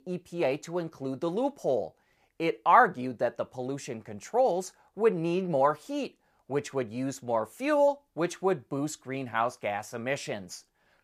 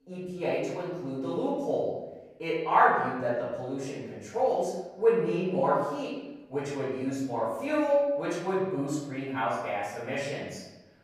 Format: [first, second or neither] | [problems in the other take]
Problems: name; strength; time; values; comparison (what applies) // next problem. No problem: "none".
first | off-mic speech; far // room echo; noticeable; dies away in 0.9 s